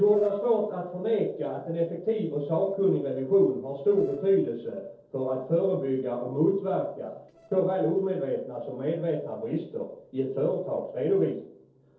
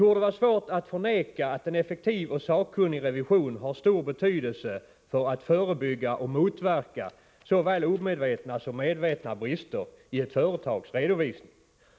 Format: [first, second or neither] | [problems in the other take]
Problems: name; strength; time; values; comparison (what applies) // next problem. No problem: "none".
second | noise reduction (neural separator model SepFormer DNS4)